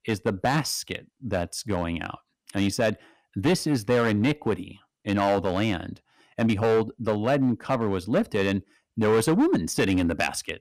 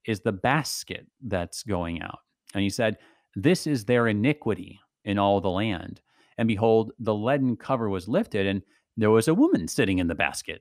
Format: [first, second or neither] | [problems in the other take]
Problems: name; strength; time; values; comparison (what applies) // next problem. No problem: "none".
second | distortion; slight; 6% of the sound clipped